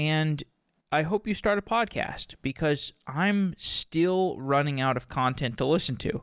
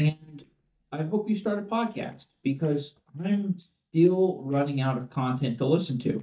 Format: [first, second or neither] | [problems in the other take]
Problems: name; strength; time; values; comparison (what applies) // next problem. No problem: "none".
first | noise reduction (neural mask model DeepFilterNet 3)